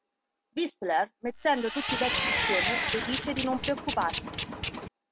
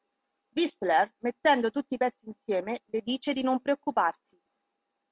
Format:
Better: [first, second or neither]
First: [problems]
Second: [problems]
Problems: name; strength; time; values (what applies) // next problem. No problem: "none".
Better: second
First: background sound (Tools + Engine); as loud as the speech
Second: none